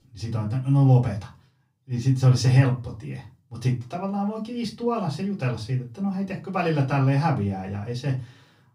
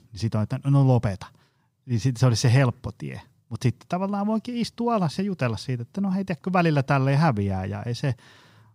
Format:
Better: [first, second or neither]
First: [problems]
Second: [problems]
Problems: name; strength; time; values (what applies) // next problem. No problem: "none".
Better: second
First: off-mic speech; far // room echo; very slight; dies away in 0.2 s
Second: none